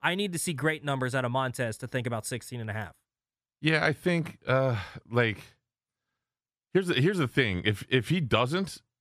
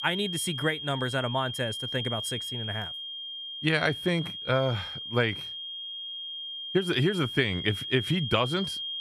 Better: first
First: none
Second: high-pitched whine; loud; throughout; 3 kHz, 5 dB below the speech

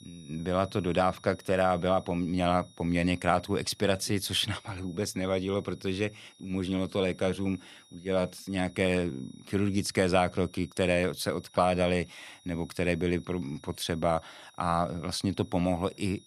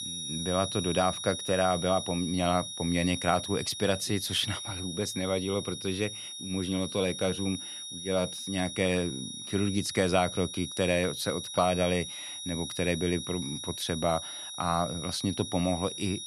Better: first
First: high-pitched whine; faint; throughout; 4 kHz, 25 dB below the speech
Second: high-pitched whine; loud; throughout; 4 kHz, 6 dB below the speech

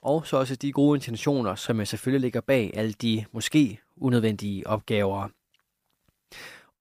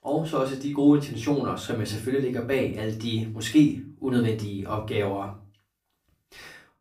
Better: first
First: none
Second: off-mic speech; far // room echo; very slight; dies away in 0.3 s

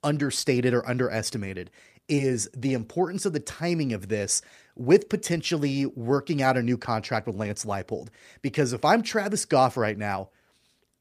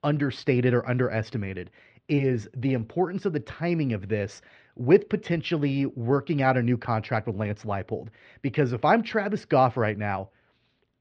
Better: first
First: none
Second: muffled; very; fading above 3.5 kHz

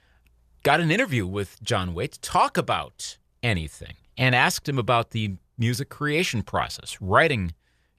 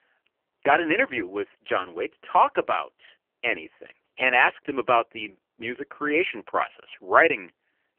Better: first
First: none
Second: phone-call audio; poor line; nothing above 3 kHz

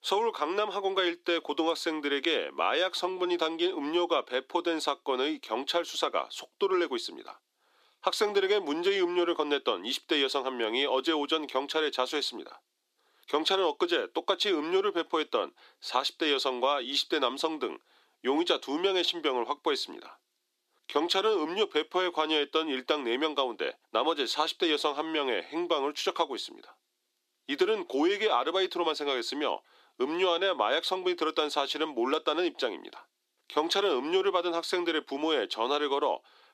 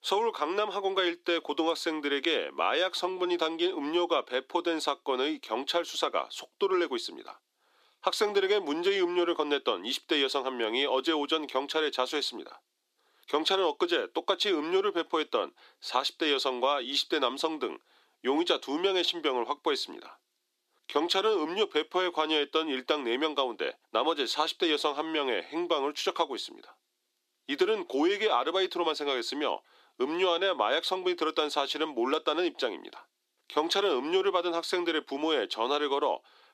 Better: neither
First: thin; somewhat; fading below 300 Hz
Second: thin; somewhat; fading below 300 Hz

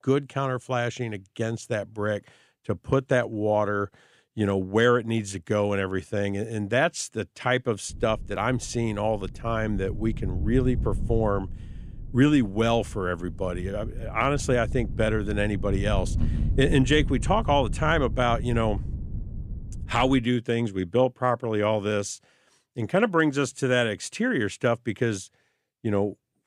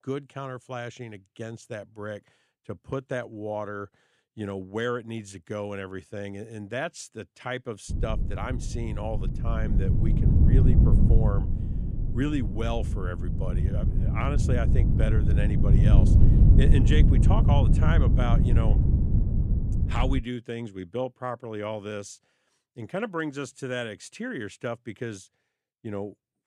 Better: first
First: wind noise on the microphone; occasional gusts; from 8 to 20 s; 20 dB below the speech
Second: wind noise on the microphone; heavy; from 8 to 20 s; 2 dB below the speech

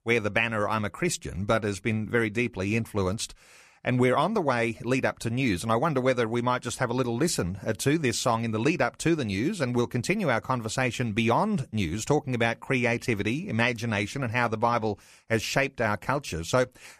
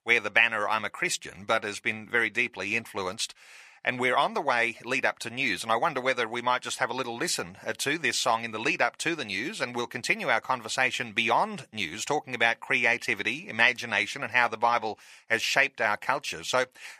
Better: first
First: none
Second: thin; somewhat; fading below 600 Hz

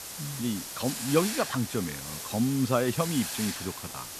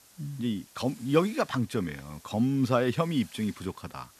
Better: second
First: hiss; loud; throughout; 5 dB below the speech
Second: hiss; faint; throughout; 25 dB below the speech

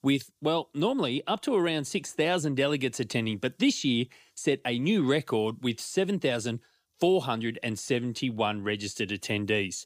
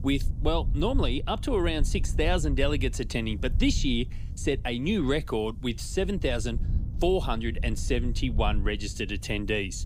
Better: first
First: none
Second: wind noise on the microphone; occasional gusts; 20 dB below the speech

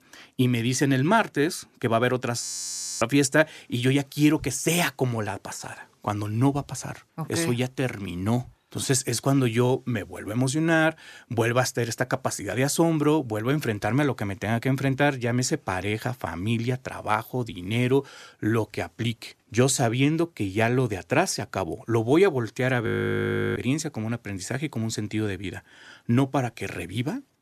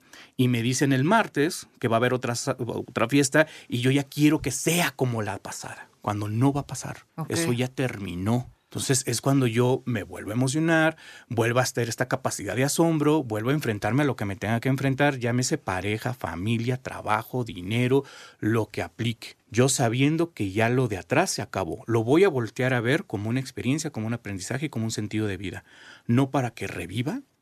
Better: second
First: audio freezing; at 2.5 s for 0.5 s and at 23 s for 0.5 s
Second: none

